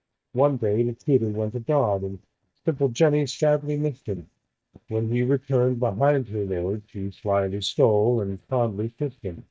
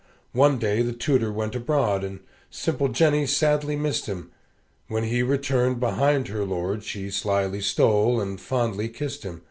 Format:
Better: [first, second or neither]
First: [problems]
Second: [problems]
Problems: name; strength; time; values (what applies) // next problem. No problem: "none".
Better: second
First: noise reduction (neural mask model DeepFilterNet 3)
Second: none